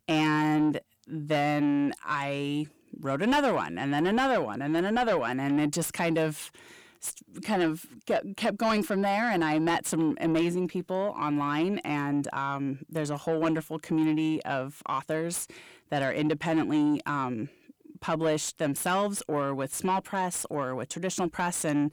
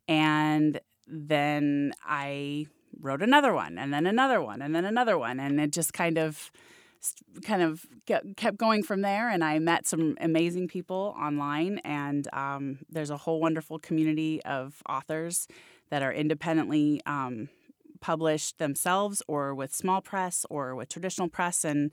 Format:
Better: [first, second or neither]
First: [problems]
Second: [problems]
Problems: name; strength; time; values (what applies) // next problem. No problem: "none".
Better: second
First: distortion; slight; 10 dB below the speech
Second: none